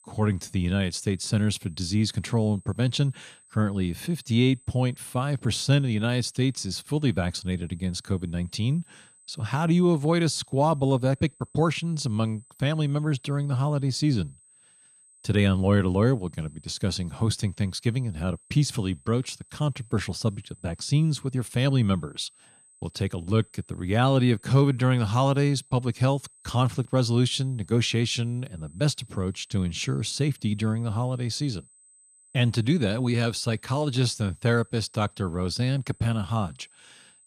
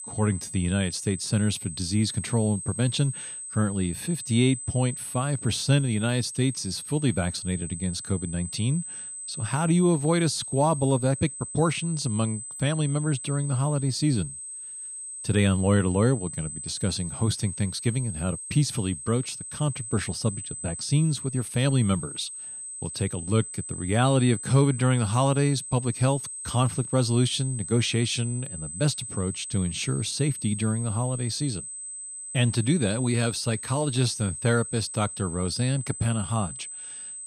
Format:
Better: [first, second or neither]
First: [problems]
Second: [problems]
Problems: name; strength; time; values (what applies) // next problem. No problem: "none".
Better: first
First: high-pitched whine; faint; throughout; 8 kHz, 30 dB below the speech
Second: high-pitched whine; loud; throughout; 8 kHz, 8 dB below the speech